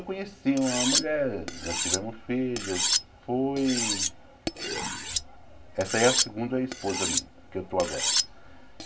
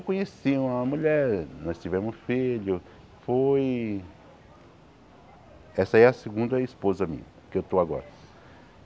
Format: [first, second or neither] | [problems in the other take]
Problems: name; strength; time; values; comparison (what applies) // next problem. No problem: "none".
second | background sound (Cutlery, silverware); 1 dB below the speech // room echo; dies away in 0.3 s